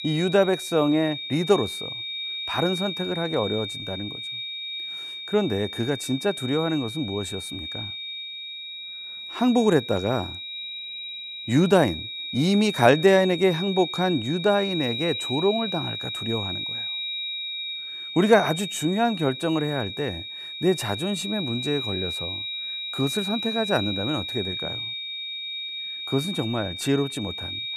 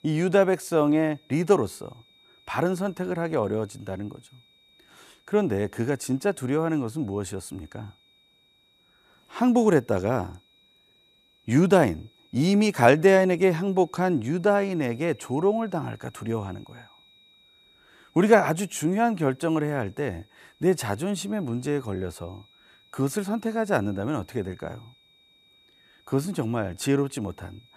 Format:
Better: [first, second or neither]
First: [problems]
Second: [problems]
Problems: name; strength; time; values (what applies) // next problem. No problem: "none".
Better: second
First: high-pitched whine; loud; throughout; 3.5 kHz, 6 dB below the speech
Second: high-pitched whine; faint; throughout; 3.5 kHz, 35 dB below the speech